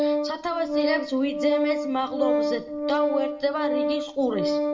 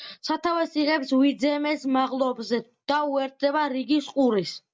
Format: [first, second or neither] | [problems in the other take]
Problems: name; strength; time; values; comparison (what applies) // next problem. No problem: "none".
second | background sound (Organ); 2 dB above the speech // room echo; dies away in 1 s